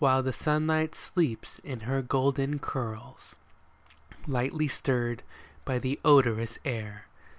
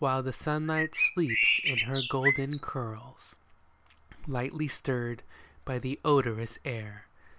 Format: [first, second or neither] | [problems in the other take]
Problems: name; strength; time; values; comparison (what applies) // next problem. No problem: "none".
first | background sound (Bird); 3 dB above the speech